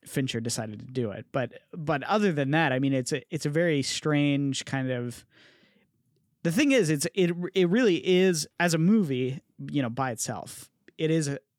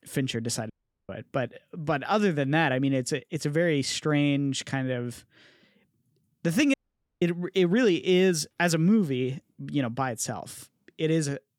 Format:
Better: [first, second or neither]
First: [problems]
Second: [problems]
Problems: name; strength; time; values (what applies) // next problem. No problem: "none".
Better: first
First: none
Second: audio cutting out; at 0.5 s and at 6.5 s